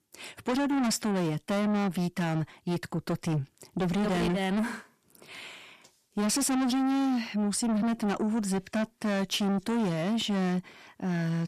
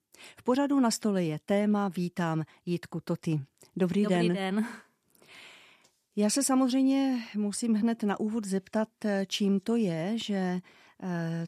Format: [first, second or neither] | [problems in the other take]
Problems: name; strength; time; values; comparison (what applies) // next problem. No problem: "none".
second | distortion; heavy; 7 dB below the speech